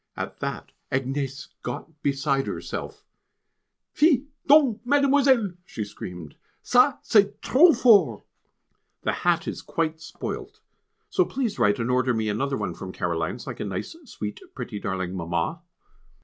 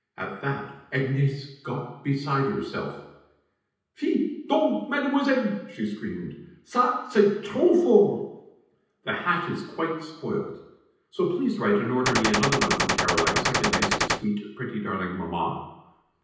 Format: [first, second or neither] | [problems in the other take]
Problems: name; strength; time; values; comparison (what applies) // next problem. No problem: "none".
first | background sound (Gunshot, gunfire); 2 dB above the speech // room echo; dies away in 0.9 s